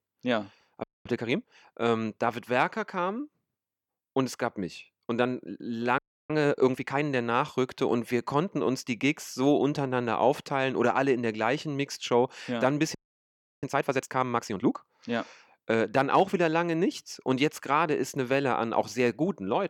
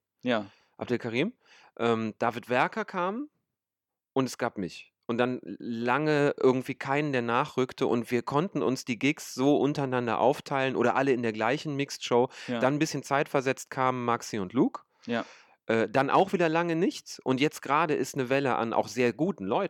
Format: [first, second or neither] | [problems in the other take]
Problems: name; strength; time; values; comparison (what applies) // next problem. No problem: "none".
second | audio freezing; at 1 s, at 6 s and at 13 s for 0.5 s